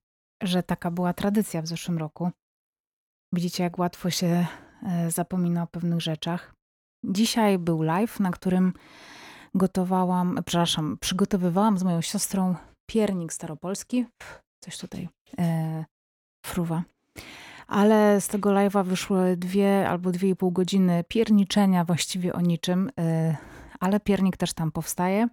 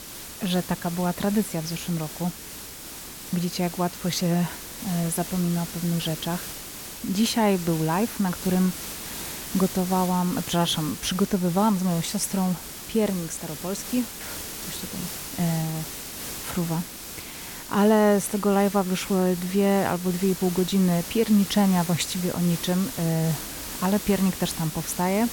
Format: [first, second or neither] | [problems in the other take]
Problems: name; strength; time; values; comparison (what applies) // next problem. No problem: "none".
first | hiss; loud; throughout; 9 dB below the speech